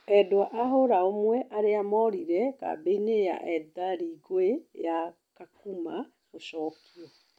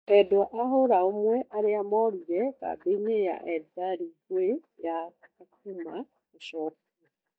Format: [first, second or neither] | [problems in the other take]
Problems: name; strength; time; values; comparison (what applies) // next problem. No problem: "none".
first | noise reduction (neural mask model DeepFilterNet 3)